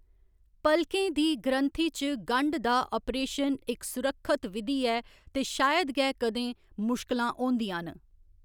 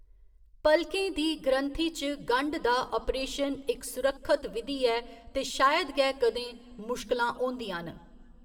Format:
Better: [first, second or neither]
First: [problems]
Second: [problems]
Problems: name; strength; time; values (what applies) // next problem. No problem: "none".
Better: first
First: none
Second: room echo; dies away in 0.6 s